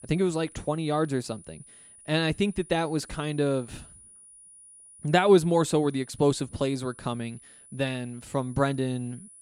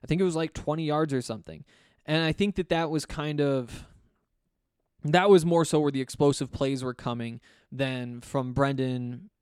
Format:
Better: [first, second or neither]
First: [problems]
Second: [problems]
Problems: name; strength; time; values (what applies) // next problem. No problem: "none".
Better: second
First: high-pitched whine; faint; throughout; 9.5 kHz, 20 dB below the speech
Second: none